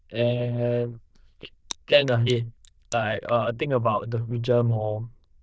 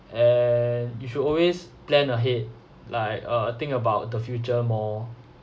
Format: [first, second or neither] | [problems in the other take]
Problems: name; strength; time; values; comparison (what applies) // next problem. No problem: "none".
second | noise reduction (neural diffusion model UNIVERSE++)